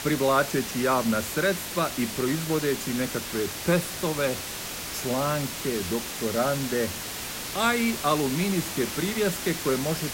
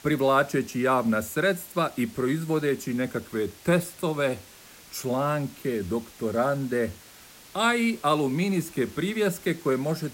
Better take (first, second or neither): second